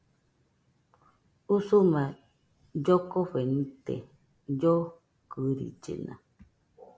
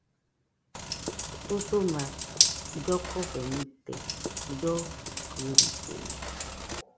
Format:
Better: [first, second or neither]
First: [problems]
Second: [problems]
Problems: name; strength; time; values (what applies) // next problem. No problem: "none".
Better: first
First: none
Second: background sound (Bathtub (filling or washing)); 3 dB above the speech